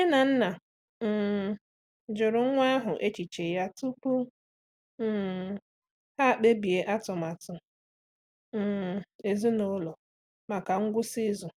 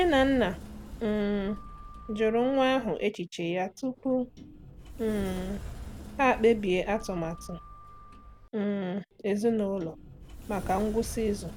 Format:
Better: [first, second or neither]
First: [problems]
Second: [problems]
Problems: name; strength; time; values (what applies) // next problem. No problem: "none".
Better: first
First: none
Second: background sound (Sliding door); 14 dB below the speech